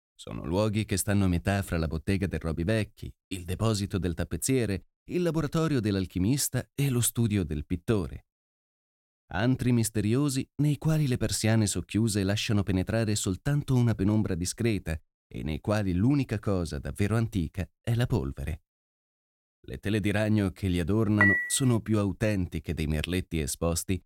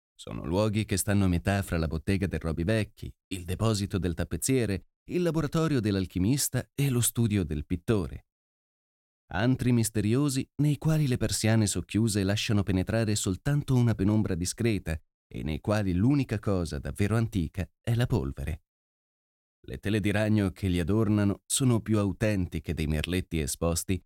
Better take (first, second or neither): second